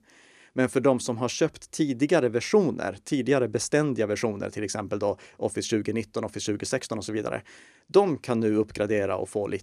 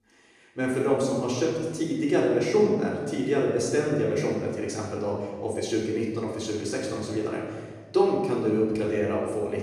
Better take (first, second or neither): first